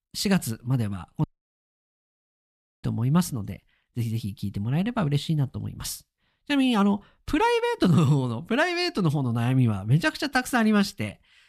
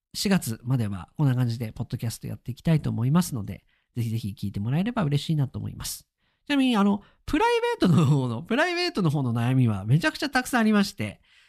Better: second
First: audio cutting out; at 1 s for 1.5 s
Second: none

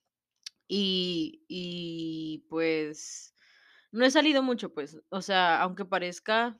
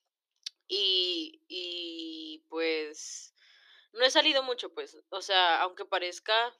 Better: first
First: none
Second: thin; very; fading below 350 Hz

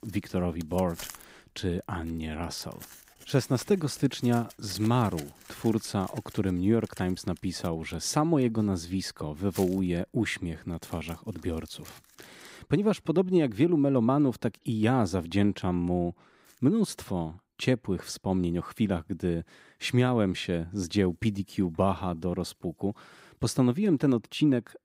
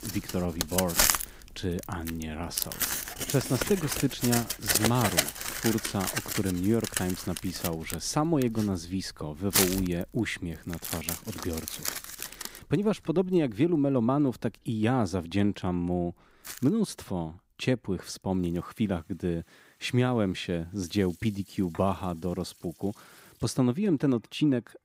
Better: first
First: household noises; faint; throughout; 20 dB below the speech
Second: household noises; loud; throughout; 1 dB below the speech

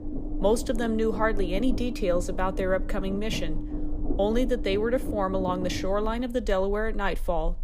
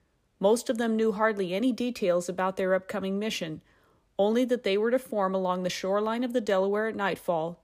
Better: second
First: low rumble; noticeable; throughout; 10 dB below the speech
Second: none

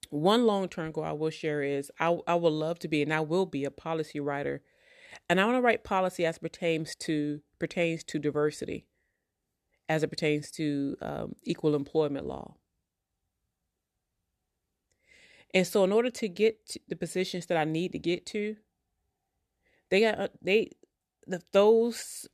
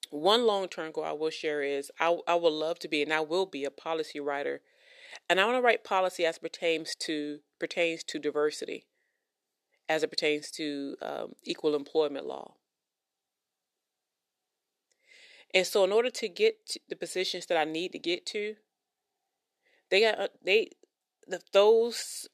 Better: first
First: none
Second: thin; somewhat; fading below 450 Hz

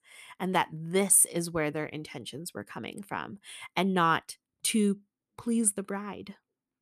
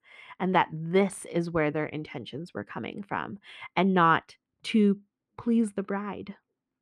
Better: first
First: none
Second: muffled; slightly; fading above 2.5 kHz

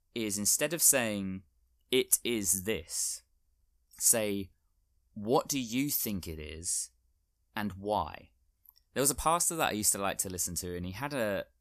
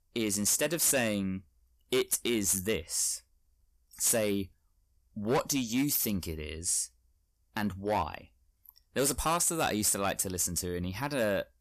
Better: first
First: none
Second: distortion; heavy; 6% of the sound clipped

